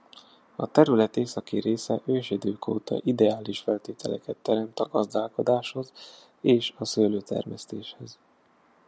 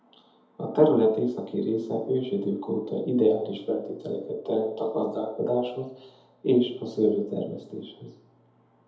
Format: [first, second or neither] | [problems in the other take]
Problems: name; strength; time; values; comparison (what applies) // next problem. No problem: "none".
first | room echo; dies away in 0.7 s